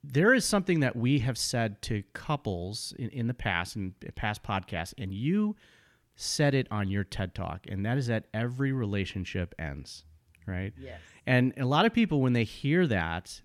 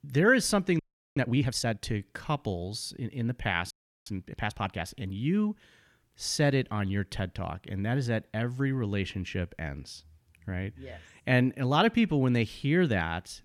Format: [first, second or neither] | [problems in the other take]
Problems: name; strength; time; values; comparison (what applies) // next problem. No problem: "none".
first | audio freezing; at 1 s and at 3.5 s